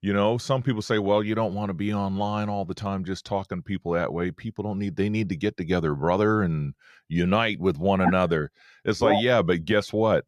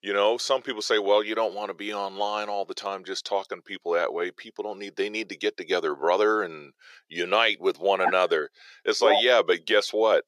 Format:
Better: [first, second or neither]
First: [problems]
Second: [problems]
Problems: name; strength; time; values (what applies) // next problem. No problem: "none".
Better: first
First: none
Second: thin; very; fading below 400 Hz